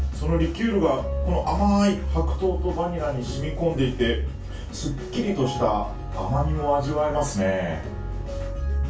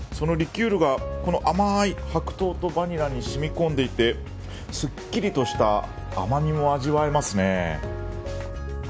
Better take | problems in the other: second | room echo; dies away in 0.3 s

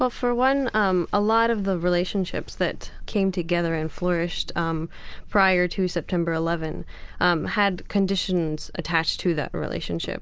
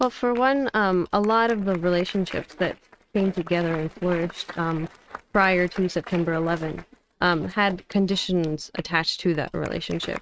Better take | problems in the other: first | noise reduction (neural mask model RNNoise)

